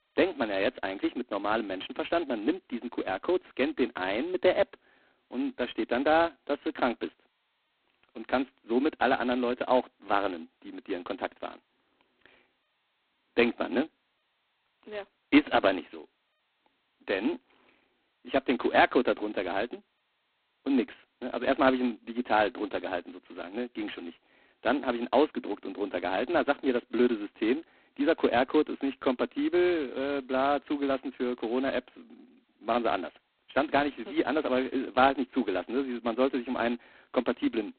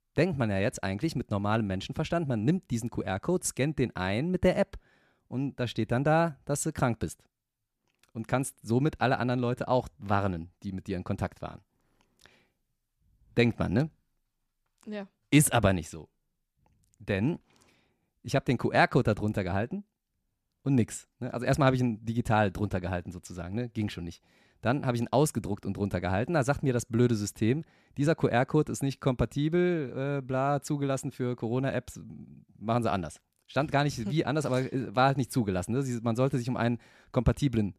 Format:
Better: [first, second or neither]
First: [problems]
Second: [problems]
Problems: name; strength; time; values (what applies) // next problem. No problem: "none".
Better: second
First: phone-call audio; poor line; nothing above 4 kHz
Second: none